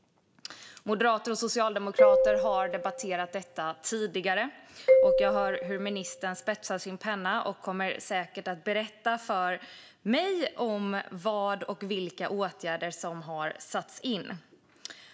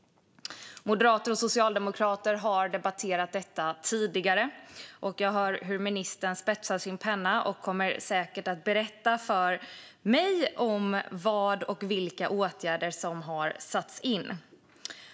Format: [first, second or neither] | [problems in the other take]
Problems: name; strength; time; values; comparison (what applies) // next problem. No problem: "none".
second | background sound (Marimba, xylophone); 4 dB above the speech